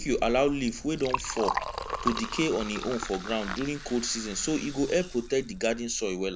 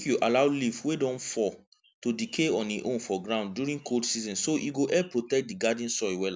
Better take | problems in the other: second | background sound (Liquid); 8 dB below the speech

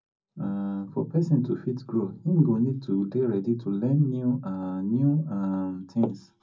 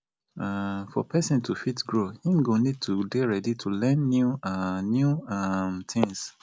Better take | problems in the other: second | room echo; dies away in 0.4 s

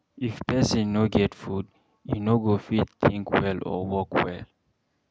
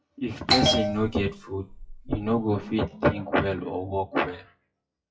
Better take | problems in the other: first | noise reduction (classical method WPE with log-MMSE)

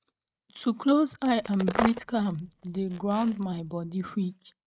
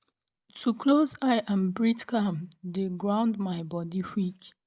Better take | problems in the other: second | noise reduction (neural mask model RNNoise)

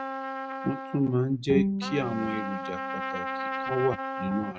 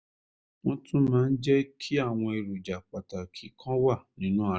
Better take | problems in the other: second | noise reduction (neural mask model RNNoise)

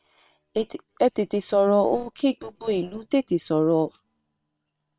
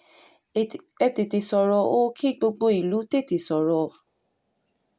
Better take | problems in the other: second | noise reduction (neural separator model SepFormer WHAM!)

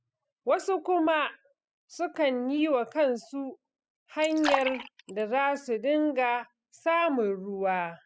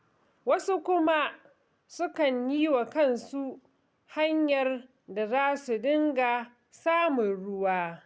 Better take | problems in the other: second | noise reduction (classical method spectral subtraction)

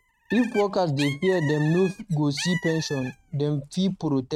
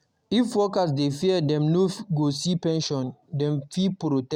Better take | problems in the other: second | noise reduction (neural mask model RNNoise)

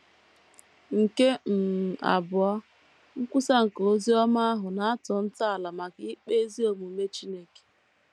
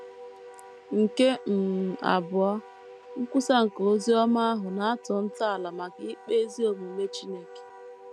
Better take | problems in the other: first | background sound (Wind instrument, woodwind instrument); 18 dB below the speech

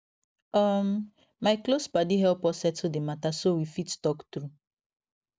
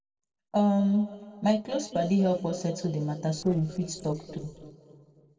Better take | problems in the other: first | noise reduction (neural separator model SepFormer DNS4)

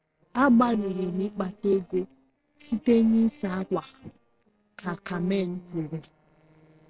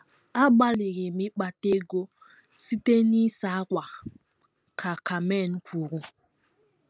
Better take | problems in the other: second | noise reduction (neural separator model SepFormer DNS4)

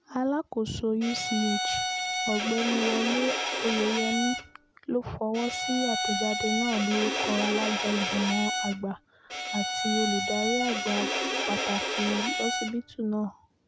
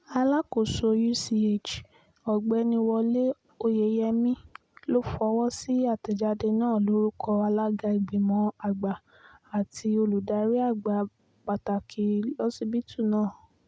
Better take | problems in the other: second | background sound (Bowed string instrument); as loud as the speech

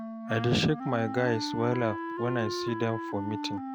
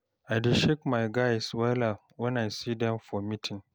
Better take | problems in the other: second | background sound (Wind instrument, woodwind instrument); 5 dB below the speech

